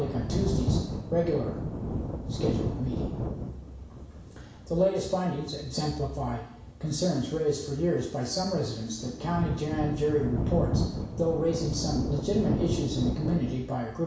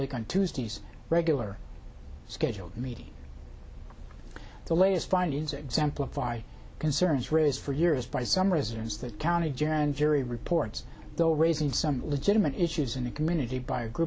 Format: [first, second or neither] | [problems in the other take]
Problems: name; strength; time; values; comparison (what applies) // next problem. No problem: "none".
second | background sound (Thunder); 3 dB below the speech // room echo; dies away in 0.7 s